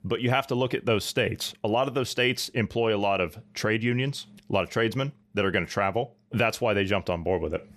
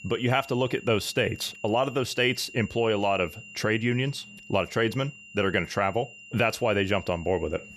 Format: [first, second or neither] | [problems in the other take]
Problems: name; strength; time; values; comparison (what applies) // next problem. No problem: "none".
first | high-pitched whine; noticeable; throughout; 3 kHz, 15 dB below the speech